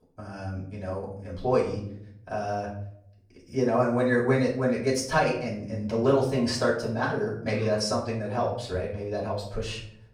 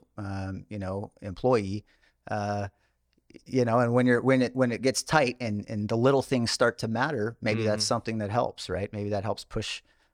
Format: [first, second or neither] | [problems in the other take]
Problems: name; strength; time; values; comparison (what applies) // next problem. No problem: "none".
second | off-mic speech; far // room echo; slight; dies away in 0.6 s